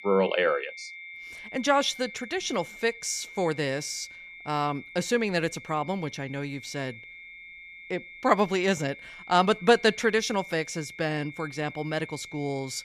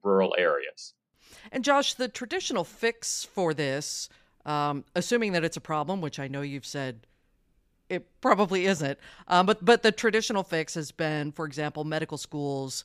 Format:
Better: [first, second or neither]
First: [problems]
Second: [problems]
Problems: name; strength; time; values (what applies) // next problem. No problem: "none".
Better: second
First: high-pitched whine; noticeable; throughout; 2 kHz, 15 dB below the speech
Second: none